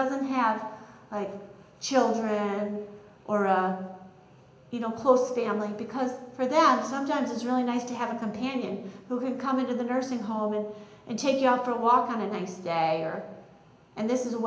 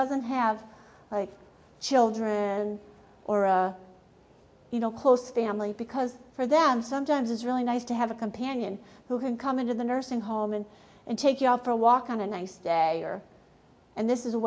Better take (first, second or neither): second